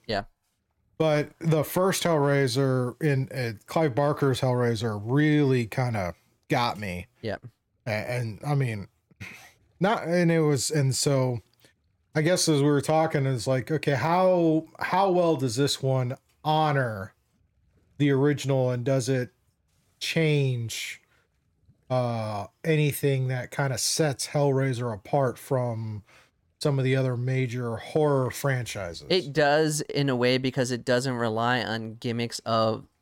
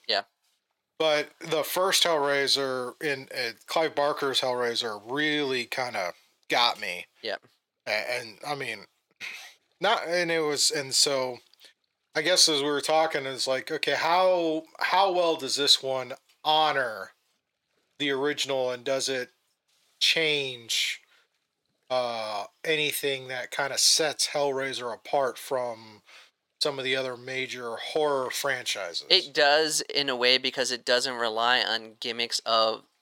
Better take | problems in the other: first | thin; very; fading below 500 Hz

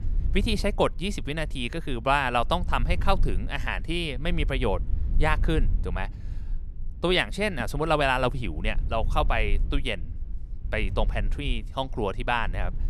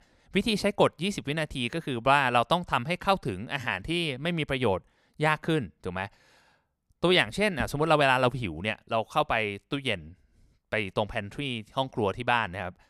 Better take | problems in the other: second | low rumble; faint; throughout; 25 dB below the speech

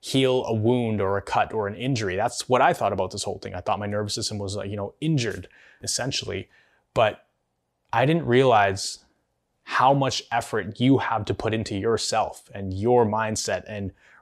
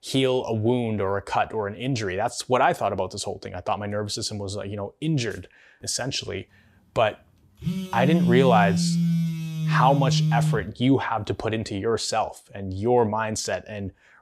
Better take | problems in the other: first | phone ringing; loud; from 7.5 to 11 s; peak 3 dB above the speech

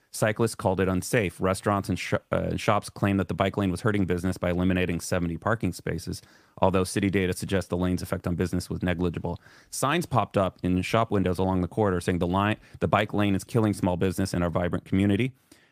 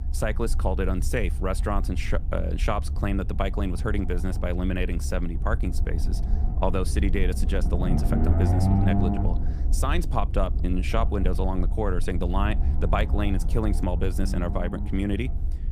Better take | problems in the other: first | low rumble; loud; throughout; 9 dB below the speech

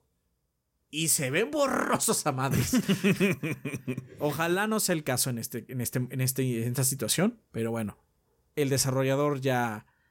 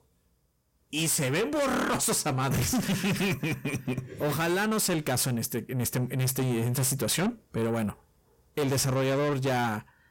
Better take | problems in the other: first | distortion; heavy; 7 dB below the speech

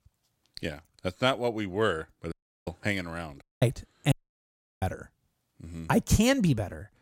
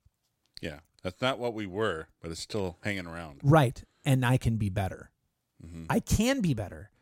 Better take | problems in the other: second | audio cutting out; at 2.5 s, at 3.5 s and at 4 s for 0.5 s

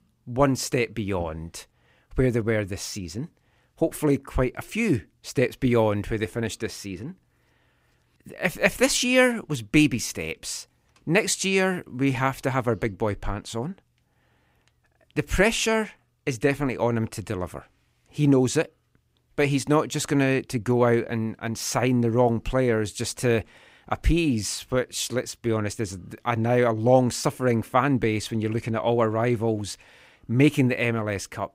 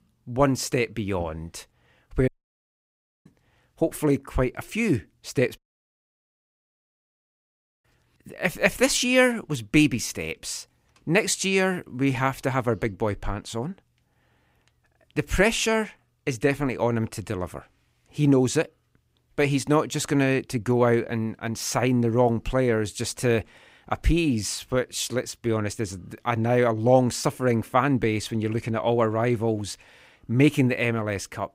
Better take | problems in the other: first | audio cutting out; at 2.5 s for 1 s and at 5.5 s for 2.5 s

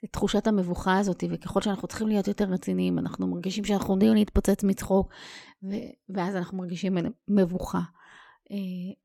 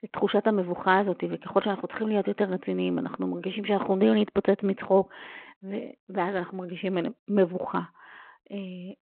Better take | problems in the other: first | phone-call audio

